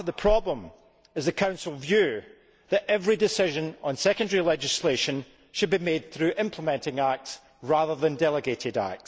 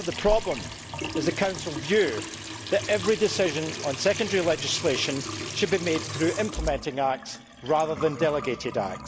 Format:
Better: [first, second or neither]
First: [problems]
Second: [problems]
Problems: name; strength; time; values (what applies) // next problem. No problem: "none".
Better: first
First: none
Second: background sound (Trickle, dribble / Sink (filling or washing) / Water tap, faucet); 8 dB below the speech